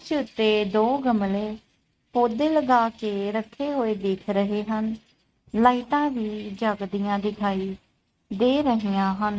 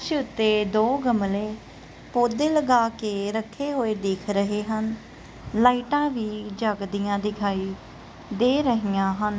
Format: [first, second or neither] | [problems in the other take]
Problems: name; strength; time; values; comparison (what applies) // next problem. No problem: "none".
second | noise reduction (neural mask model RNNoise)